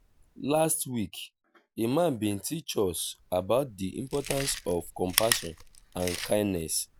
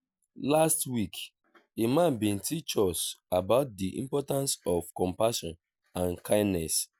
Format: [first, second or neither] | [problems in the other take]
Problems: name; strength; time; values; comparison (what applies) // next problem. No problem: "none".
second | background sound (Chewing, mastication); 9 dB below the speech